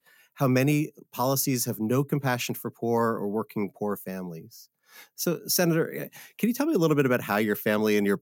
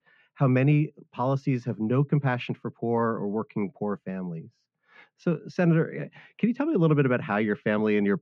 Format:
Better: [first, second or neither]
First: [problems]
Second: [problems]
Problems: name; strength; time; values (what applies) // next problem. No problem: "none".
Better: first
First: none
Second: muffled; very; fading above 3 kHz